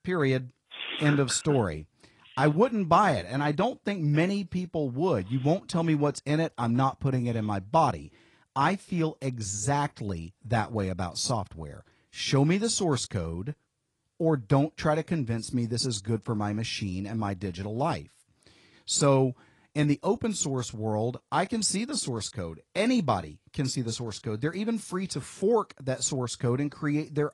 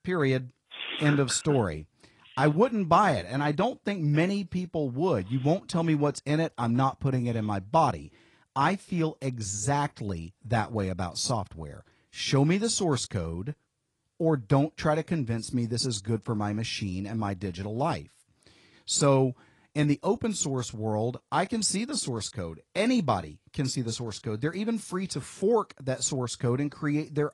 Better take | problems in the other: neither | garbled, watery; slightly; the same in both

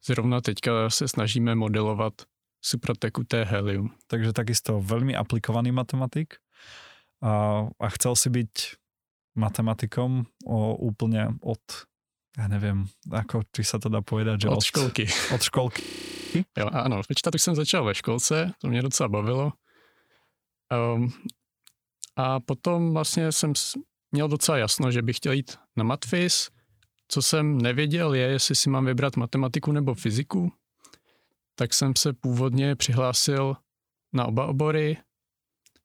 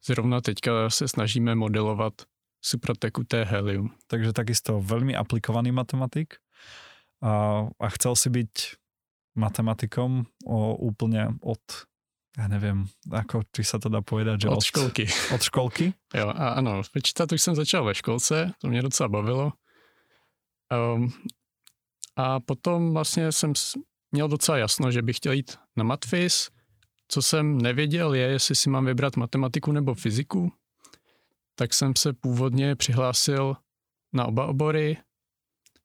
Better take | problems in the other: second | audio freezing; at 16 s for 0.5 s

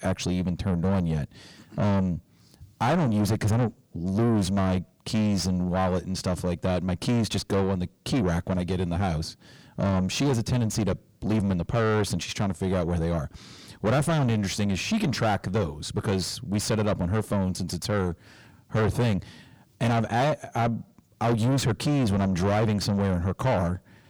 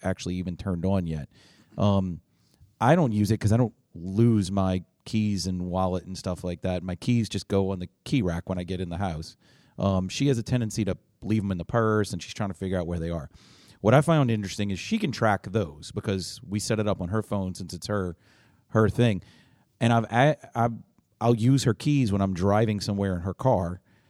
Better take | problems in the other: second | distortion; heavy; 6 dB below the speech

